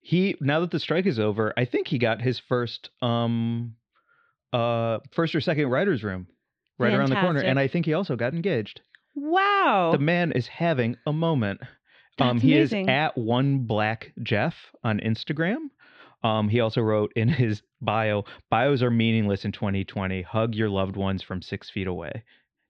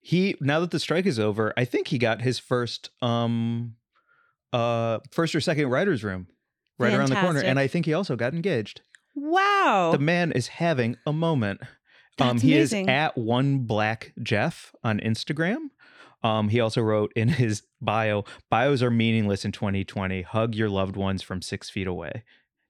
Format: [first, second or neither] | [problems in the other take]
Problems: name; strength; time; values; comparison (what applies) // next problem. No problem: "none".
second | muffled; very slightly; fading above 4 kHz